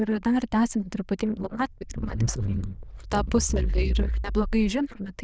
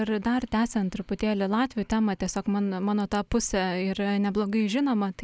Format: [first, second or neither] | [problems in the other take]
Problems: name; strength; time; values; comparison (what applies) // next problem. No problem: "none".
second | noise reduction (neural diffusion model UNIVERSE++)